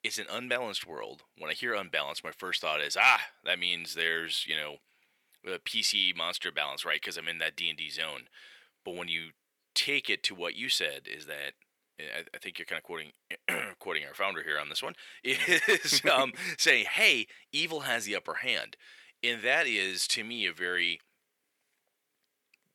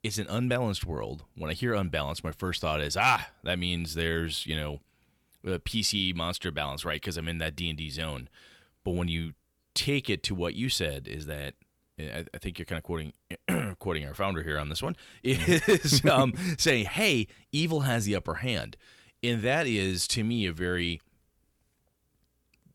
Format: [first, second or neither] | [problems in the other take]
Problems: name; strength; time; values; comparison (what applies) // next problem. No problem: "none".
second | thin; very; fading below 450 Hz